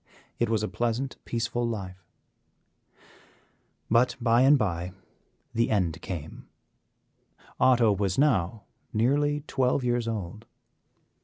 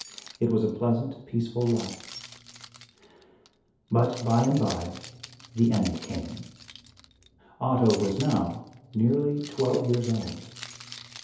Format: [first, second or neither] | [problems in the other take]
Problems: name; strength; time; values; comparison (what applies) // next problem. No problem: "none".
first | background sound (Keys jangling); 18 dB below the speech // room echo; dies away in 2.2 s